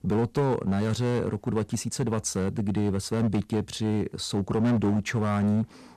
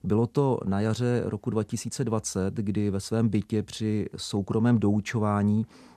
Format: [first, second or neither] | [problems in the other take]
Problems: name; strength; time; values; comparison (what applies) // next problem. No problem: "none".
second | distortion; slight; 10% of the sound clipped